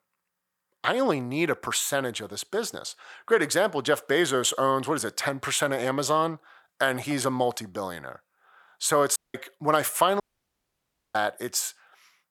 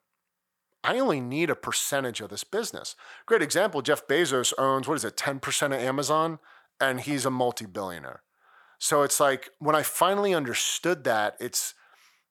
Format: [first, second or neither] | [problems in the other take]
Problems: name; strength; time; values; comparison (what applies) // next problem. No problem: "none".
second | audio cutting out; at 9 s and at 10 s for 1 s